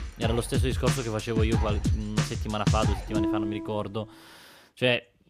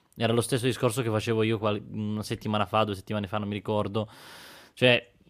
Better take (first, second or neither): second